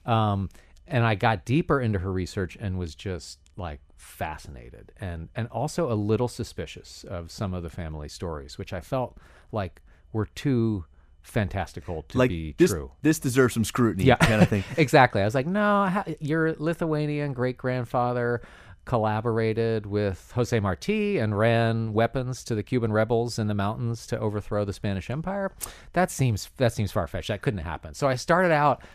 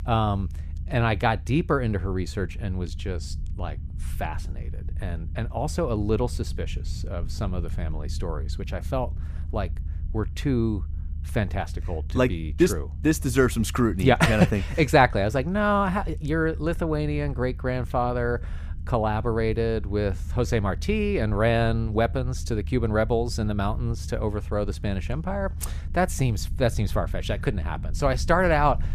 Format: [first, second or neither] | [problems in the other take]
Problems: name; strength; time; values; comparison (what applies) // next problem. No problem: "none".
first | low rumble; faint; throughout; 25 dB below the speech